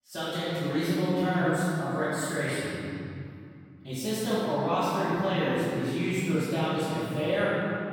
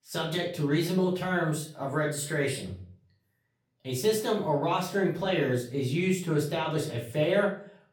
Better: second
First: room echo; strong; dies away in 2.7 s // off-mic speech; far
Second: room echo; slight; dies away in 0.4 s // off-mic speech; far

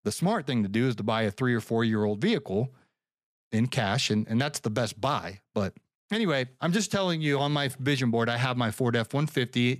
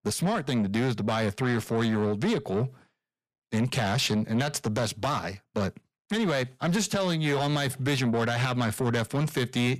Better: first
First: none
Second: distortion; slight; 10 dB below the speech

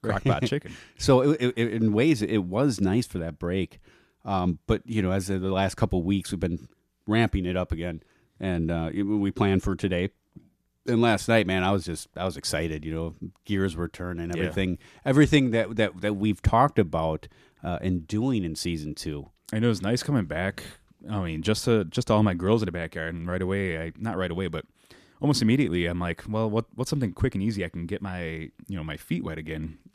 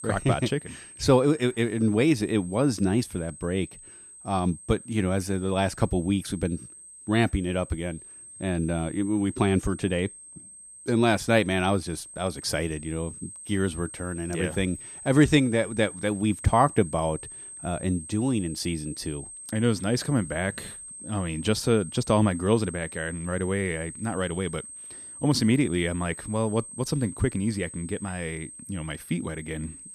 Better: first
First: none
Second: high-pitched whine; noticeable; throughout; 8.5 kHz, 15 dB below the speech

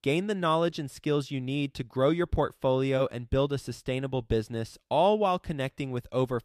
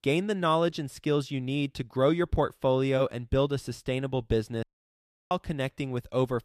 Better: first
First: none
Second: audio cutting out; at 4.5 s for 0.5 s

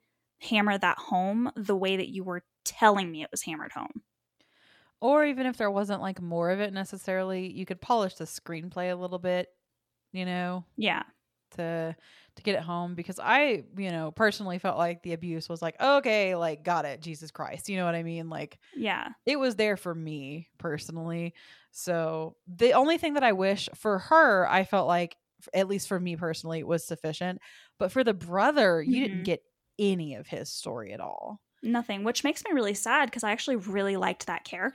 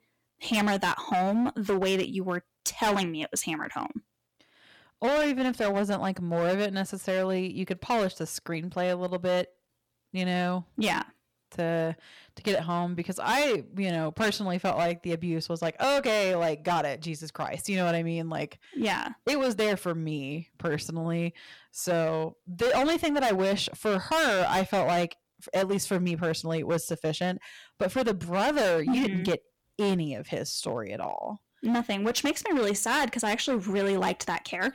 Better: first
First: none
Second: distortion; heavy; 12% of the sound clipped

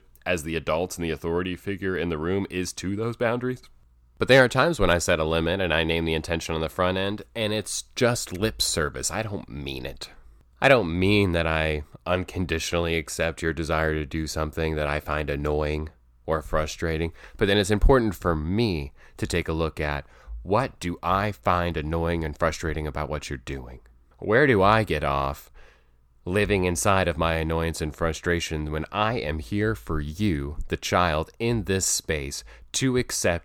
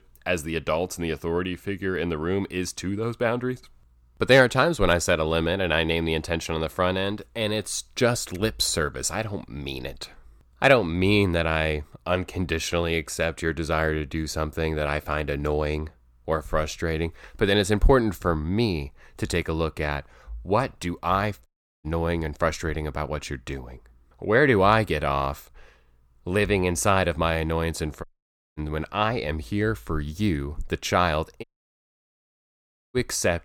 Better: first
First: none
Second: audio cutting out; at 21 s, at 28 s for 0.5 s and at 31 s for 1.5 s

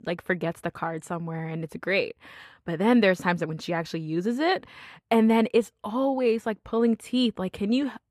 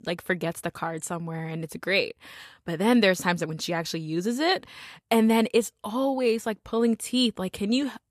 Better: second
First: muffled; slightly; fading above 3.5 kHz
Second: none

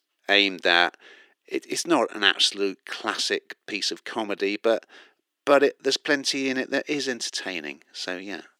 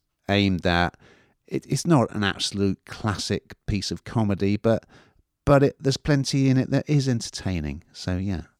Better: second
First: thin; somewhat; fading below 350 Hz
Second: none

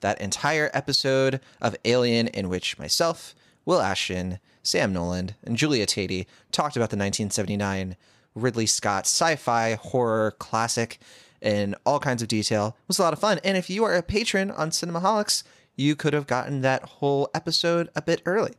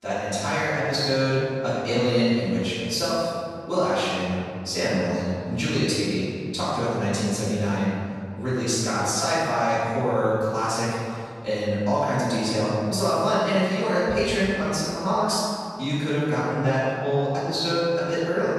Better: first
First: none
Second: off-mic speech; far // room echo; strong; dies away in 2.1 s

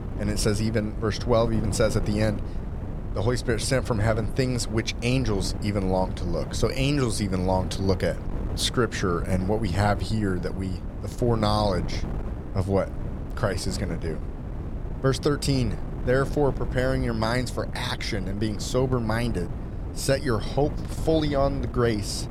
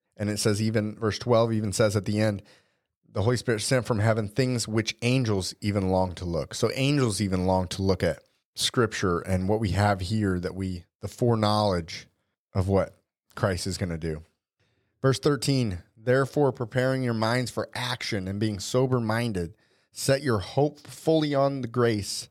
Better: second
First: wind noise on the microphone; occasional gusts; 15 dB below the speech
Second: none

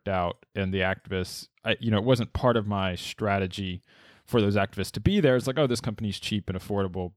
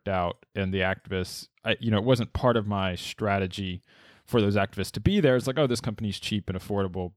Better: neither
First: none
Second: none

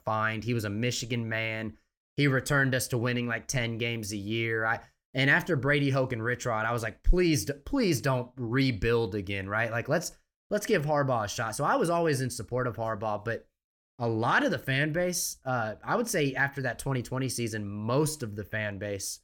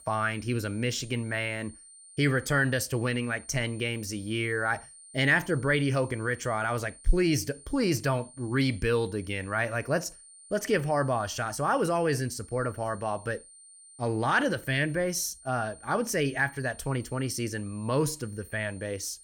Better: first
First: none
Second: high-pitched whine; noticeable; throughout; 9 kHz, 20 dB below the speech

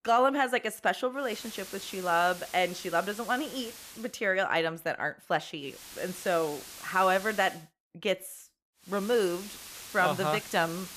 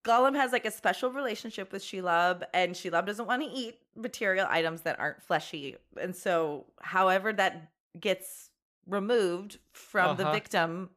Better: second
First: hiss; noticeable; from 1.5 to 4 s, from 5.5 to 7.5 s and from 9 s on; 15 dB below the speech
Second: none

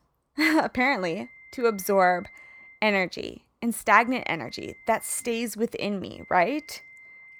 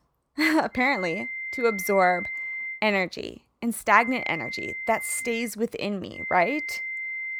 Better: first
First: high-pitched whine; faint; from 1 to 3 s, from 4 to 5.5 s and from 6 s on; 2 kHz, 25 dB below the speech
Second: high-pitched whine; loud; from 1 to 3 s, from 4 to 5.5 s and from 6 s on; 2 kHz, 6 dB below the speech

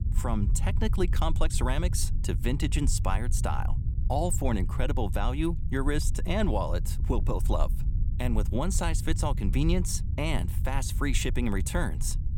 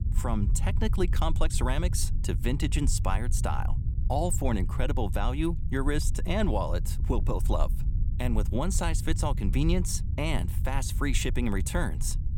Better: neither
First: low rumble; noticeable; throughout; 15 dB below the speech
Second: low rumble; noticeable; throughout; 15 dB below the speech

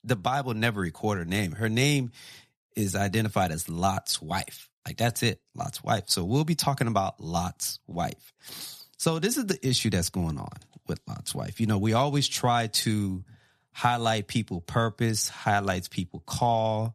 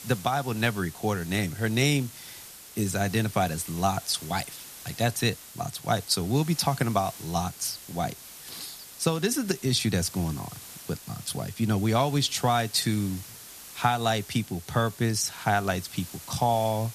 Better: first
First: none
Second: hiss; noticeable; throughout; 15 dB below the speech

